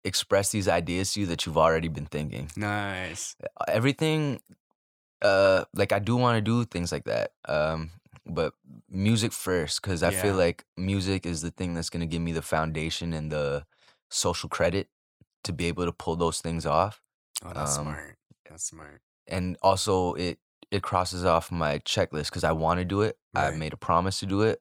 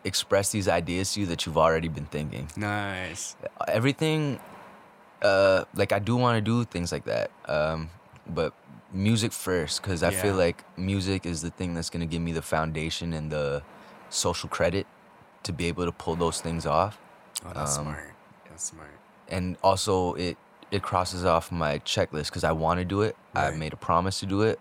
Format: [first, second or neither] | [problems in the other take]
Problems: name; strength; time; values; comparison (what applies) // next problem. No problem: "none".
first | wind noise on the microphone; occasional gusts; 25 dB below the speech